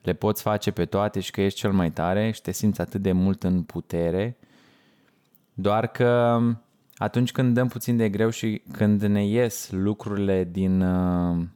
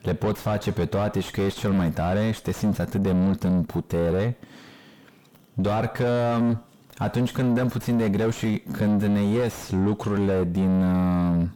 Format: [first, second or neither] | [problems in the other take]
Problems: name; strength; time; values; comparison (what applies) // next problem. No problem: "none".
first | distortion; heavy; 6 dB below the speech